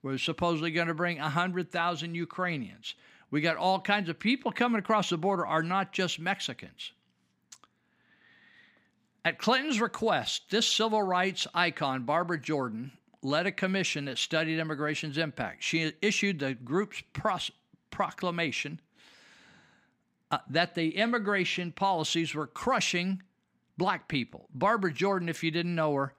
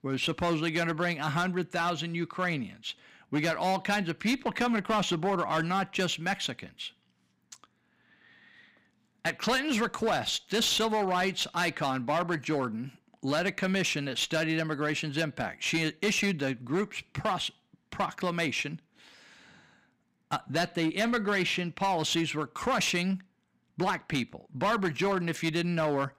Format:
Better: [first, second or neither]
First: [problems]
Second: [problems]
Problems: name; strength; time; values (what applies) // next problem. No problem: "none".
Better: first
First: none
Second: distortion; slight; 7% of the sound clipped